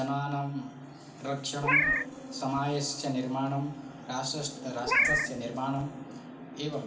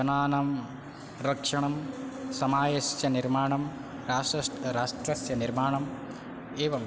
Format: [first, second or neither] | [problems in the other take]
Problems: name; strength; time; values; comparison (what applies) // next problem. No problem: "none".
second | background sound (Meow); 4 dB above the speech // room echo; dies away in 0.4 s